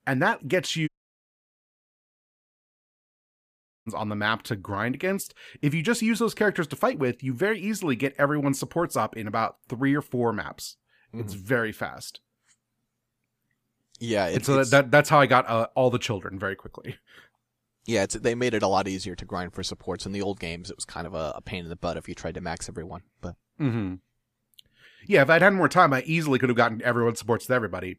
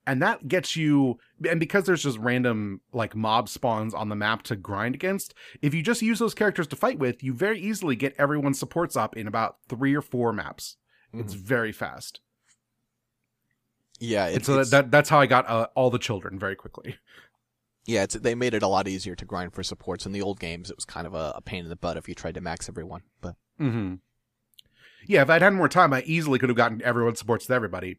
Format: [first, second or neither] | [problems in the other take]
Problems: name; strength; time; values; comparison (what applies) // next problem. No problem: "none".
second | audio cutting out; at 1 s for 3 s